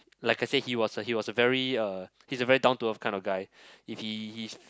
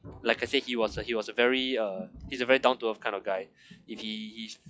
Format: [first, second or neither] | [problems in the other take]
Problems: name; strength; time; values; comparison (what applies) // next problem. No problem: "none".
first | noise reduction (classical method log-MMSE)